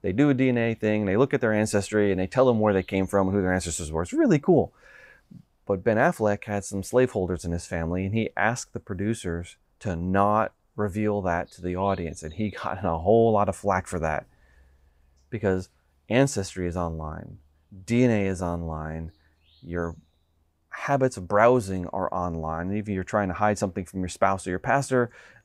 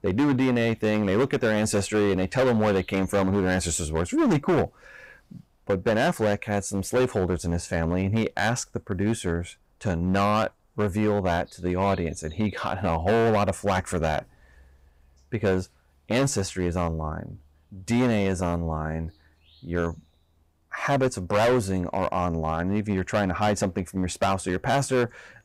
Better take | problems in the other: first | distortion; heavy; 9% of the sound clipped

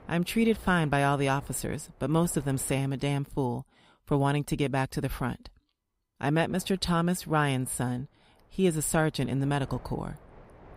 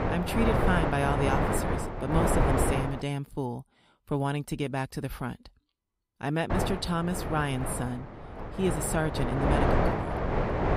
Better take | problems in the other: first | wind noise on the microphone; heavy; until 3 s and from 6.5 s on; 2 dB above the speech; occasional gusts in the first

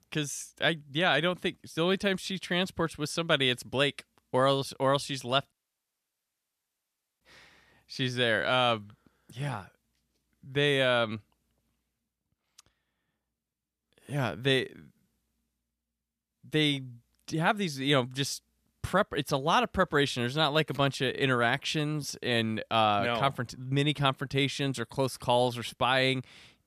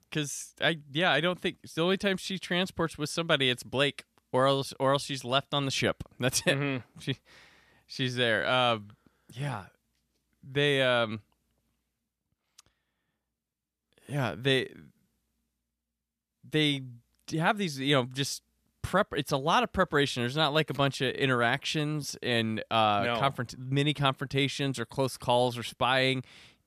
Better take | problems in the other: second | audio cutting out; at 5.5 s for 1.5 s

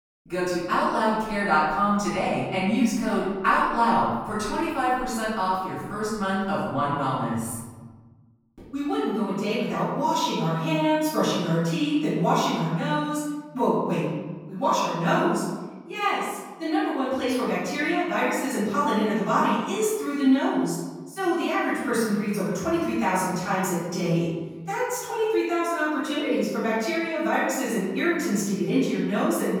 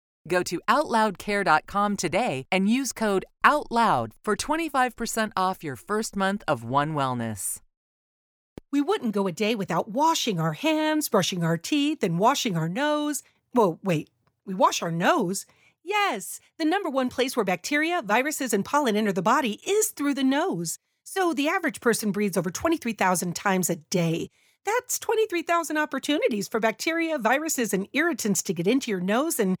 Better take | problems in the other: second | off-mic speech; far // room echo; strong; dies away in 1.3 s

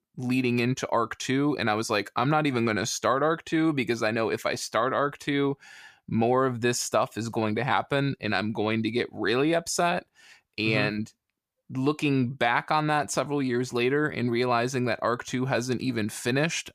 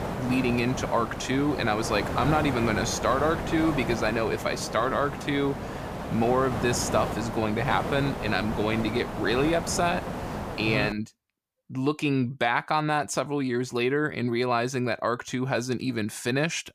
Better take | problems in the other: first | hiss; loud; until 11 s; 6 dB below the speech

